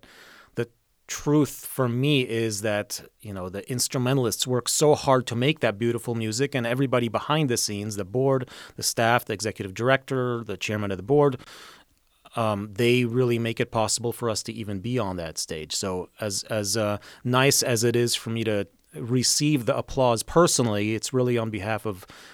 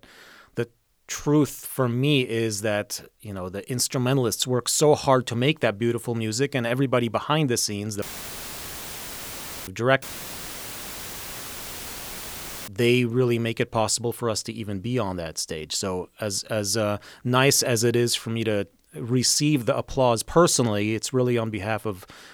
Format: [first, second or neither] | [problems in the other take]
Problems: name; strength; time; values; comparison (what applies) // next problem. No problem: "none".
first | audio cutting out; filled with static; at 8 s for 1.5 s and at 10 s for 2.5 s